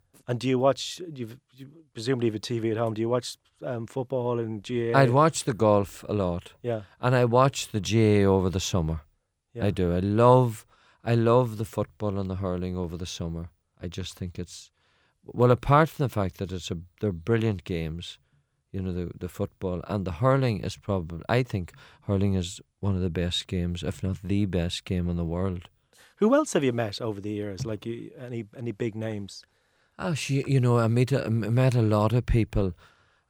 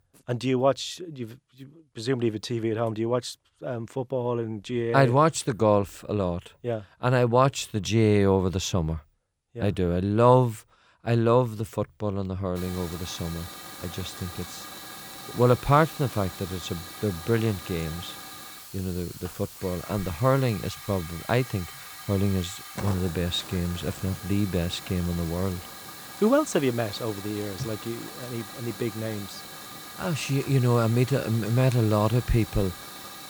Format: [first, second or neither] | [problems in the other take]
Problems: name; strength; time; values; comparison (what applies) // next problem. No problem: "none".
first | hiss; noticeable; from 13 s on; 15 dB below the speech